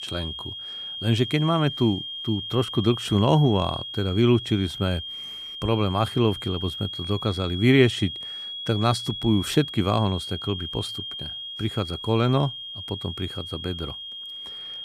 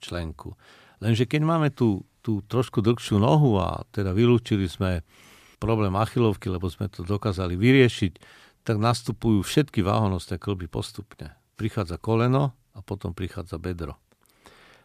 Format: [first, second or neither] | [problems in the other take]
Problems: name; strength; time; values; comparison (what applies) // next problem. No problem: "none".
second | high-pitched whine; loud; throughout; 3 kHz, 8 dB below the speech